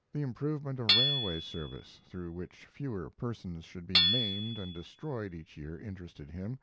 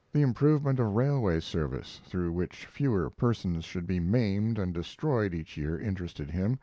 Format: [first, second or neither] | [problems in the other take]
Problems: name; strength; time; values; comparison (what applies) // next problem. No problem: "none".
second | background sound (Hammer / Chink, clink); 3 dB above the speech